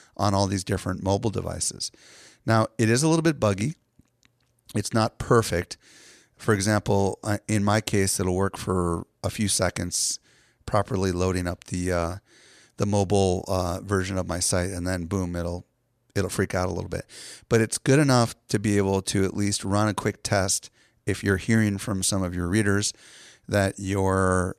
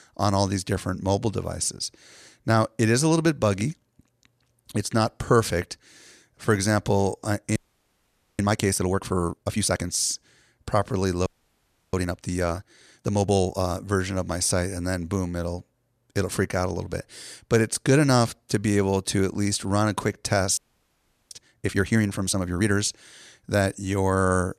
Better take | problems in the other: first | audio freezing; at 7.5 s for 1 s, at 11 s for 0.5 s and at 21 s for 0.5 s

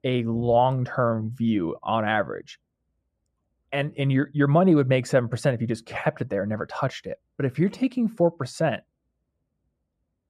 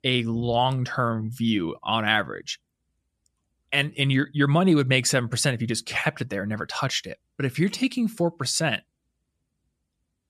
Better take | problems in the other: second | muffled; very; fading above 2 kHz

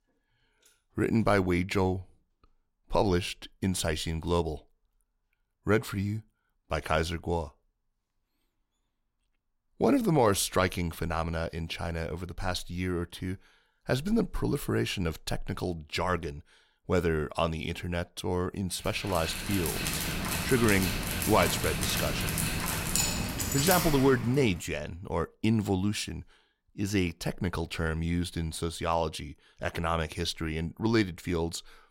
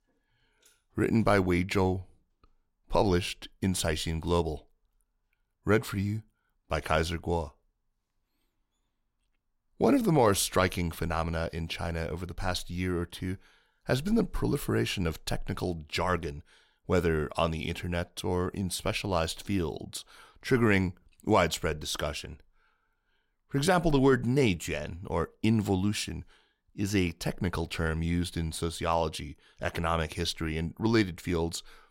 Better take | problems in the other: second | dog barking; loud; from 19 to 25 s; peak 3 dB above the speech

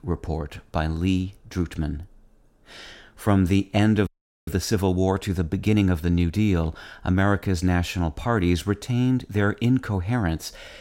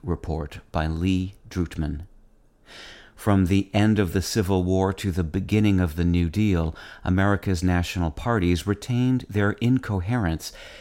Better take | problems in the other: second | audio freezing; at 4 s

